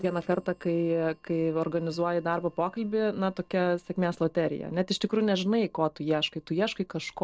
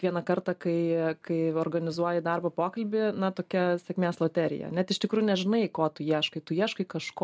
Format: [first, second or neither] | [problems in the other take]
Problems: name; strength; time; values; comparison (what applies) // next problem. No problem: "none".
second | noise reduction (neural separator model SepFormer DNS4)